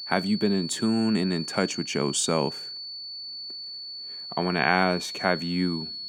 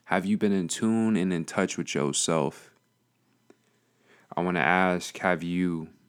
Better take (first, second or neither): second